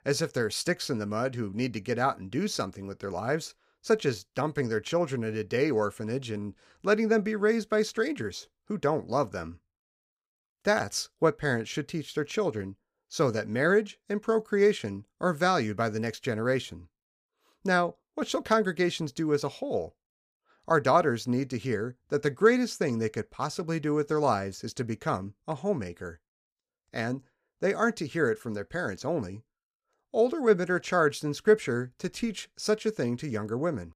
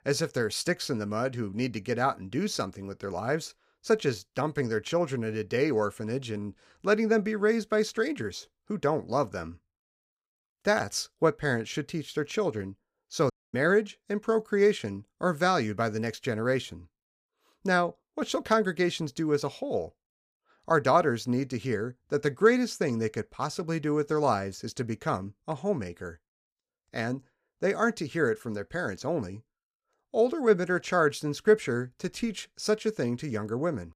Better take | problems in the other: first | audio cutting out; at 13 s

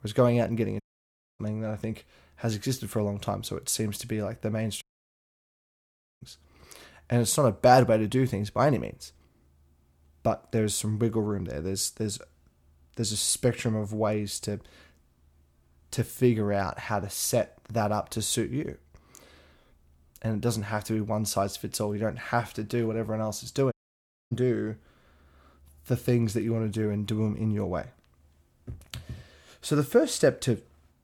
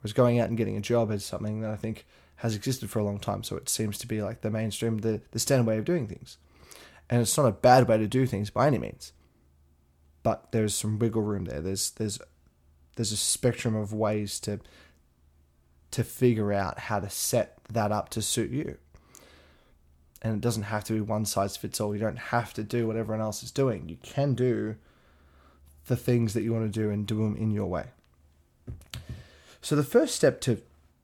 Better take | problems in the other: second | audio cutting out; at 1 s for 0.5 s, at 5 s for 1.5 s and at 24 s for 0.5 s

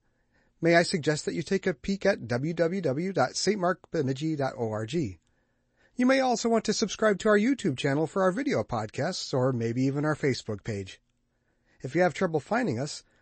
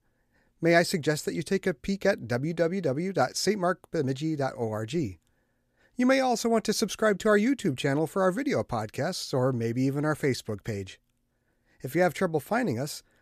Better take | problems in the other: second | garbled, watery; slightly; nothing above 8 kHz

